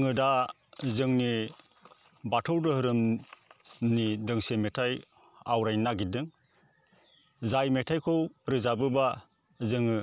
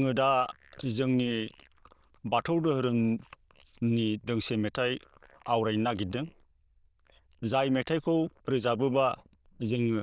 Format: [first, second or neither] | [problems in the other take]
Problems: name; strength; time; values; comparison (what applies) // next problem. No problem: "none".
first | noise reduction (neural diffusion model UNIVERSE++)